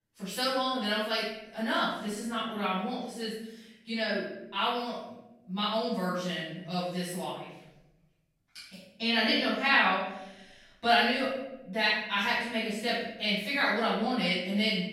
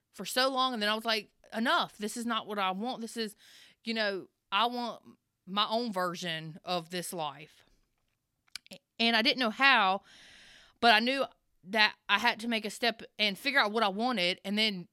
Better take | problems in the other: second | off-mic speech; far // room echo; strong; dies away in 0.8 s

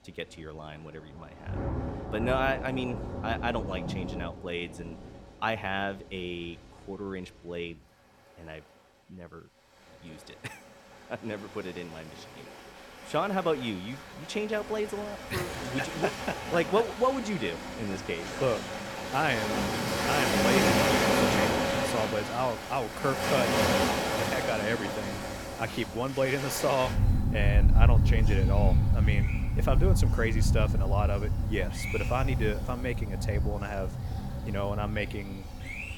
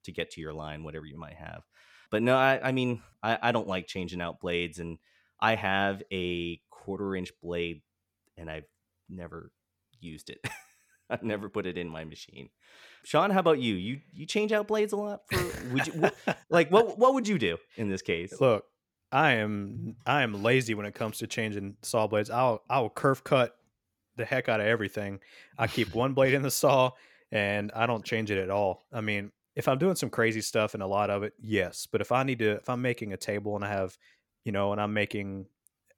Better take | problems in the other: second | rain or running water; very loud; throughout; 3 dB above the speech

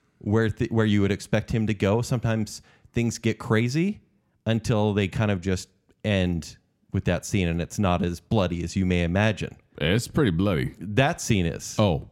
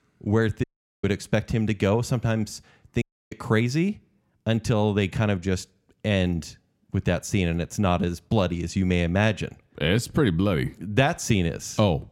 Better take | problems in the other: first | audio cutting out; at 0.5 s and at 3 s

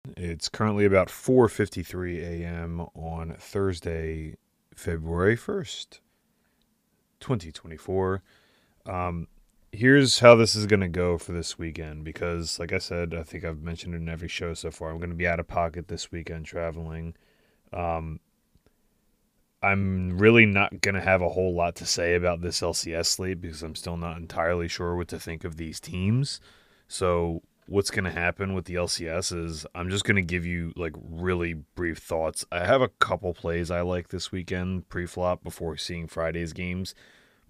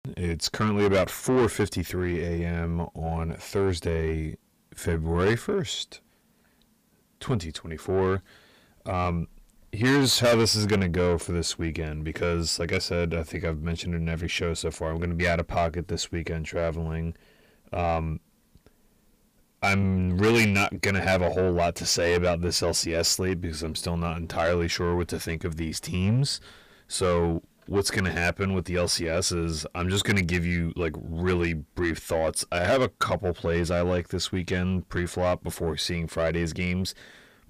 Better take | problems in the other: first | distortion; heavy; 6 dB below the speech

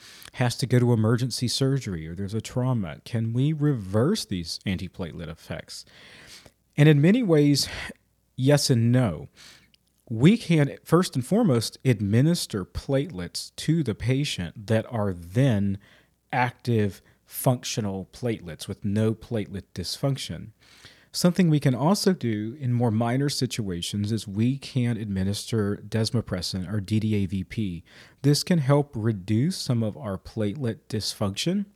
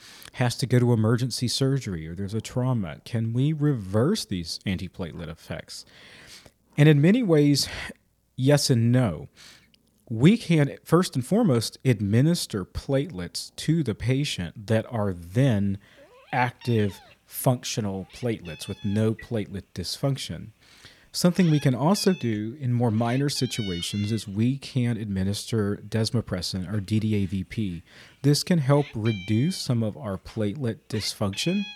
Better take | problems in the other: first | animal sounds; noticeable; throughout; 20 dB below the speech

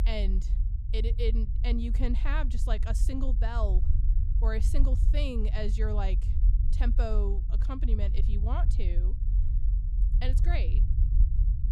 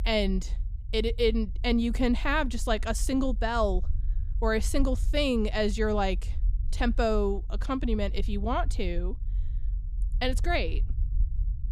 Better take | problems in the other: second | low rumble; loud; throughout; 10 dB below the speech; faint in the second

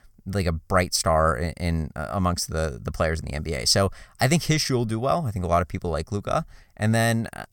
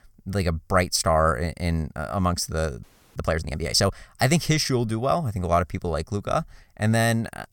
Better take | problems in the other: first | audio freezing; at 3 s

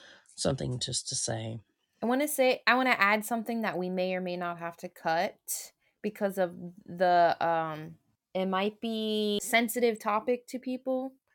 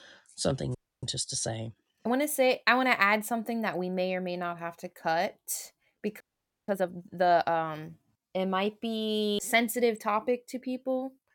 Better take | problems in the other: first | audio freezing; at 1 s and at 6 s

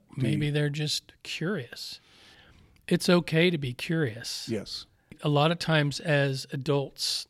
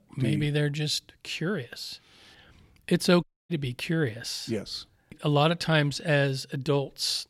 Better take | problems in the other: first | audio cutting out; at 3 s

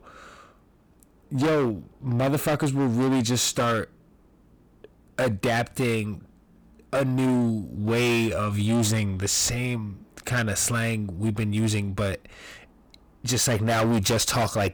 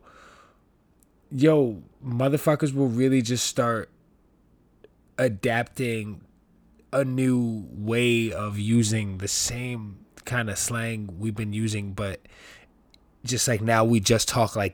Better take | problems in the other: second | distortion; heavy; 15% of the sound clipped

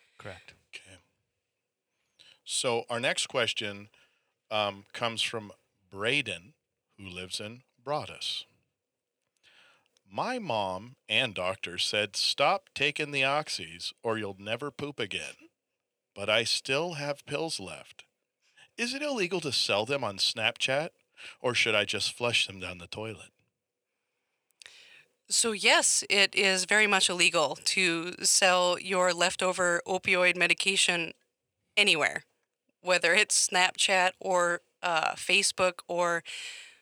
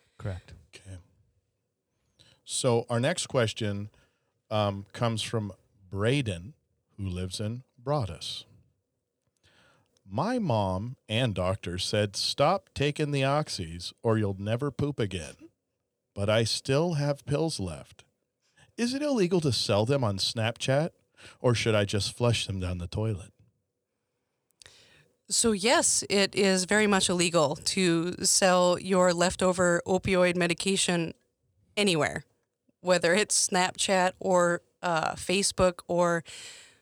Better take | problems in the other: second | thin; somewhat; fading below 1 kHz

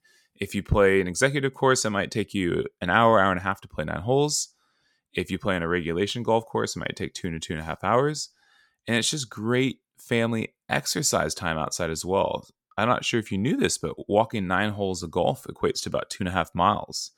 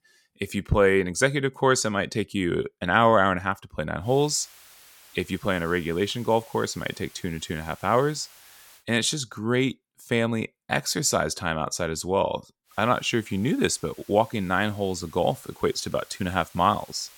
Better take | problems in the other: first | hiss; faint; from 4 to 9 s and from 13 s on; 25 dB below the speech

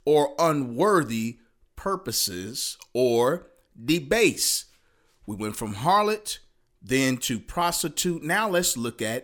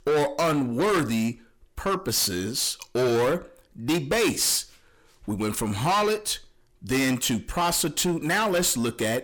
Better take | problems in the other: first | distortion; heavy; 7 dB below the speech

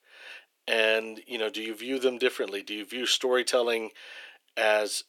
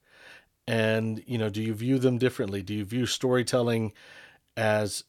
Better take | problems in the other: second | thin; somewhat; fading below 350 Hz

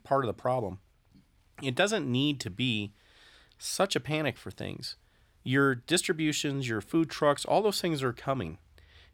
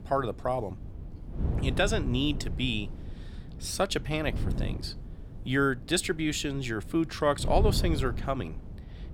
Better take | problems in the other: first | wind noise on the microphone; occasional gusts; 15 dB below the speech

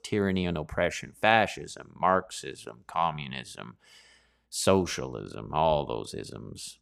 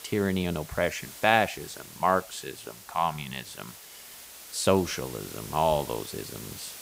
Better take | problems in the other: first | hiss; noticeable; throughout; 15 dB below the speech

